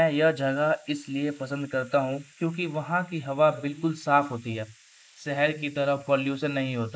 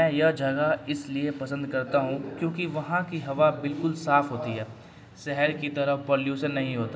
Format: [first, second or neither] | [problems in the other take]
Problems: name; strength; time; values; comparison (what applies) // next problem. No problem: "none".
second | noise reduction (neural mask model Resemble Enhance denoiser)